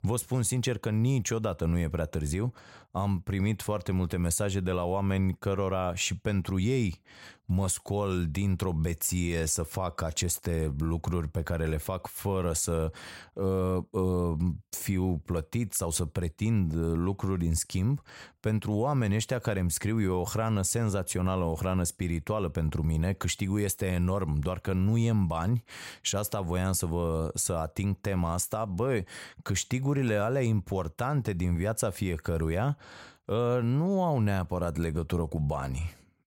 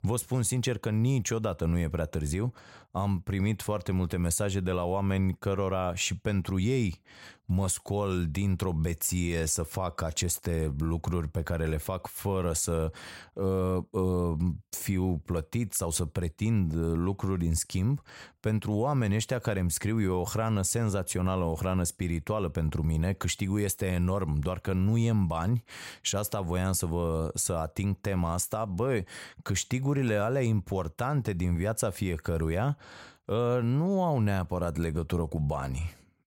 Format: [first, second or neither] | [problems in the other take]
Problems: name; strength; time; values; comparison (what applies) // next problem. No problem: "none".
neither | none